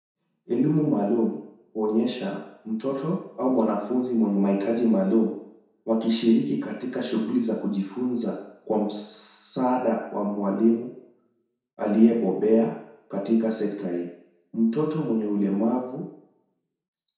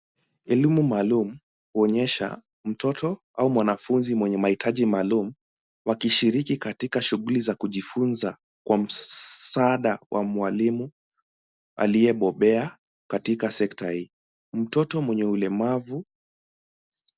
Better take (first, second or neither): second